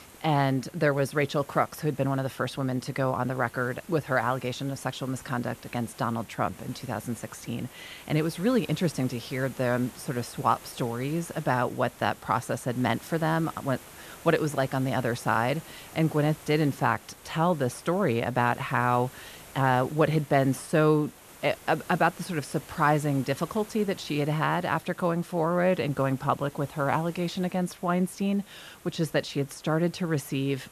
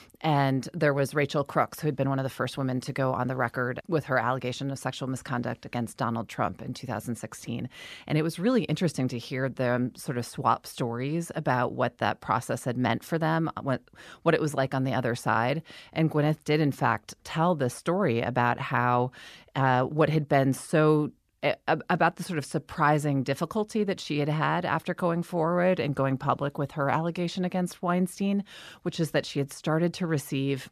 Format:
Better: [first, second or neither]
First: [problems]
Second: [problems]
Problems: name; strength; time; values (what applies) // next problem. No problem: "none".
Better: second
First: hiss; noticeable; throughout; 20 dB below the speech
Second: none